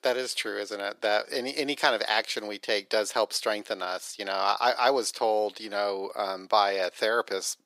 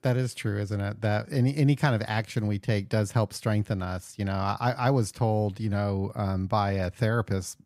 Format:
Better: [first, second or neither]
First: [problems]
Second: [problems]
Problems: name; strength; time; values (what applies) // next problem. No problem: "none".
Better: second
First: thin; very; fading below 400 Hz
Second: none